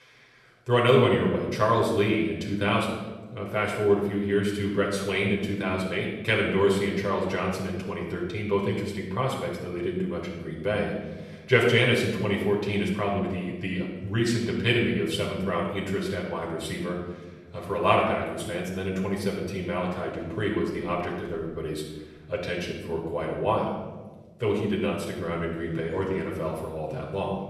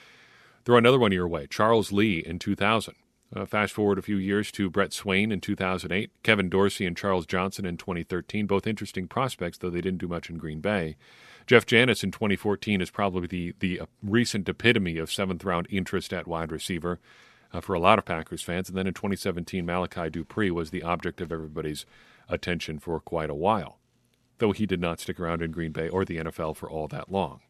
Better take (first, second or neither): second